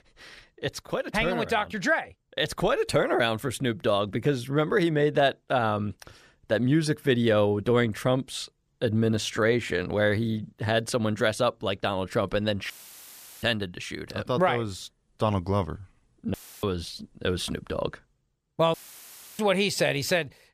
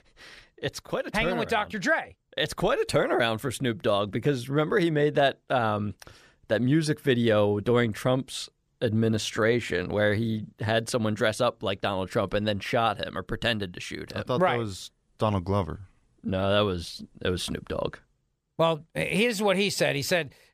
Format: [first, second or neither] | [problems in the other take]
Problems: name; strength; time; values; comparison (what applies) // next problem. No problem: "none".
second | audio cutting out; filled with static; at 13 s for 0.5 s, at 16 s and at 19 s for 0.5 s